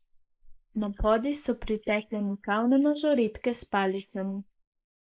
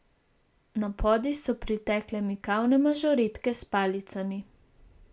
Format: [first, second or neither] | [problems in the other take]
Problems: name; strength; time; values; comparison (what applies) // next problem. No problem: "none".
second | noise reduction (neural mask model Resemble Enhance denoiser)